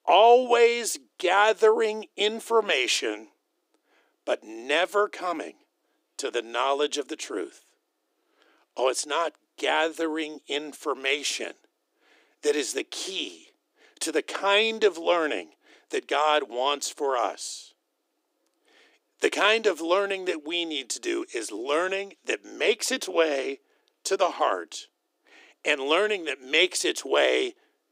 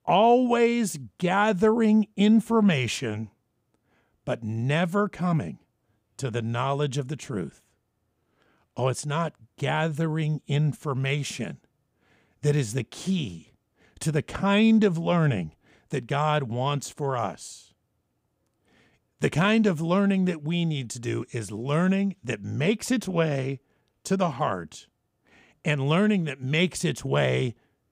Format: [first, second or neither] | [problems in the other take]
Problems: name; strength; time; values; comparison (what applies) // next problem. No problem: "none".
second | thin; very; fading below 300 Hz